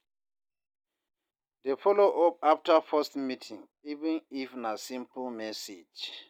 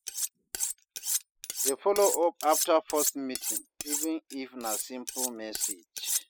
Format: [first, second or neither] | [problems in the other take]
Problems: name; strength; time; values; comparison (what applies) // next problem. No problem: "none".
first | noise reduction (classical method spectral subtraction)